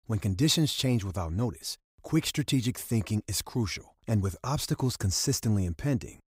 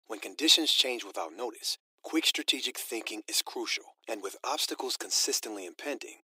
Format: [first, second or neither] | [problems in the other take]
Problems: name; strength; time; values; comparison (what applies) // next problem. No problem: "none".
first | thin; very; fading below 300 Hz